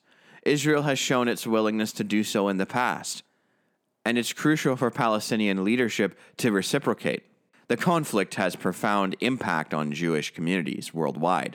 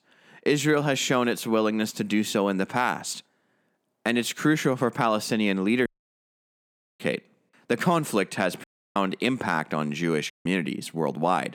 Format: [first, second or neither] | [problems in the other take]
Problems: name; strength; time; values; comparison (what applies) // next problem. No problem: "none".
first | audio cutting out; at 6 s for 1 s, at 8.5 s and at 10 s